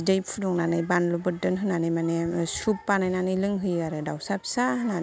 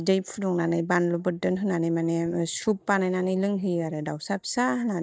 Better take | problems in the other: first | noise reduction (neural mask model DeepFilterNet 3)

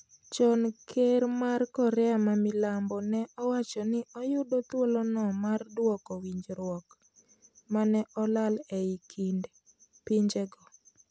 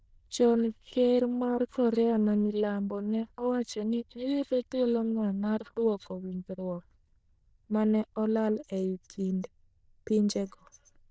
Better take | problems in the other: first | noise reduction (neural diffusion model UNIVERSE++)

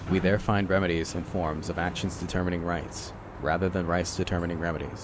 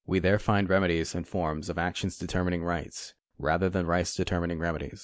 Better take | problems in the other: second | background sound (Sliding door); 10 dB below the speech

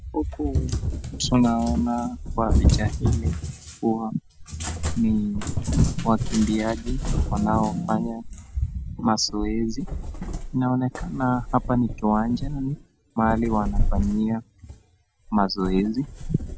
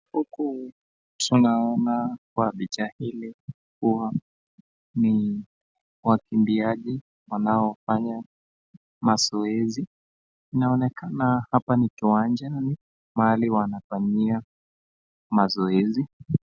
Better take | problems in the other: second | background sound (Organ + Cat); 1 dB below the speech

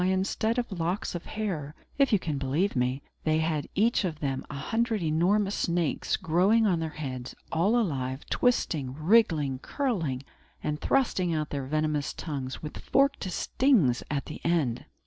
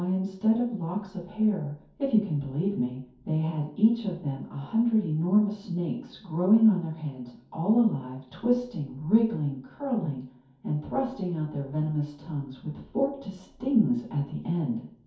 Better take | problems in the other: first | room echo; dies away in 0.6 s

